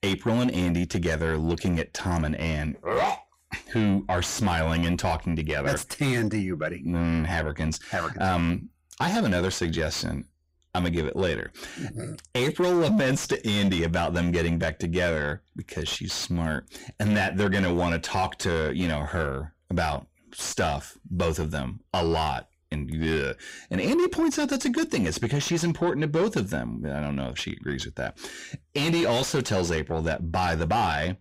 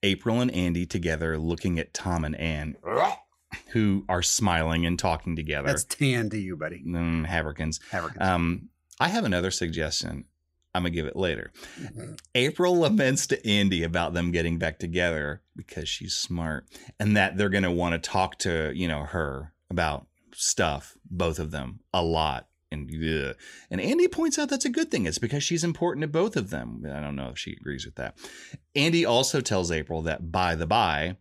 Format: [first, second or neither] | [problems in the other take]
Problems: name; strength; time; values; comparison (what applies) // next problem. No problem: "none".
second | distortion; heavy; 7 dB below the speech